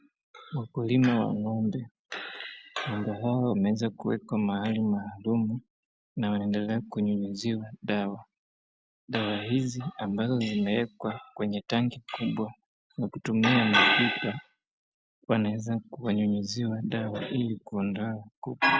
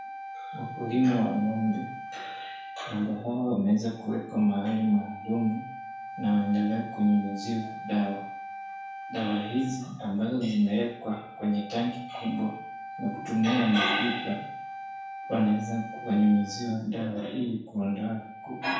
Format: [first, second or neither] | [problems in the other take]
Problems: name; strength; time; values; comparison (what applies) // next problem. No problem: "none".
first | background sound (Wind instrument, woodwind instrument); 12 dB below the speech // room echo; dies away in 0.6 s